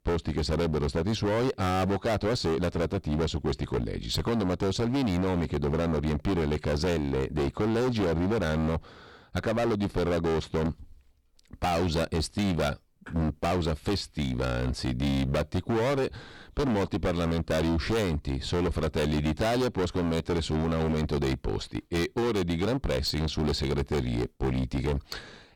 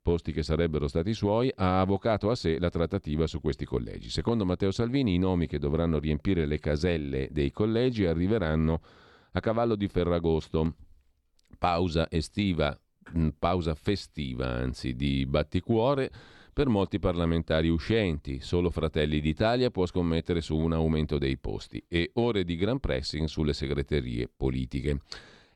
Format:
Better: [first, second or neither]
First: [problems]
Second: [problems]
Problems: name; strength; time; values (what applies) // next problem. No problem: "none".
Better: second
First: distortion; heavy; 26% of the sound clipped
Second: none